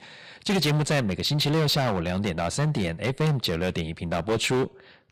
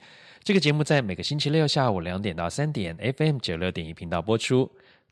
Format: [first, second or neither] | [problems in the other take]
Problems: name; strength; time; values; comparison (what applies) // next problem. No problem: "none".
second | distortion; heavy; 15% of the sound clipped